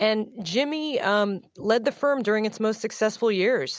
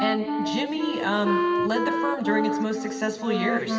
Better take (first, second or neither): first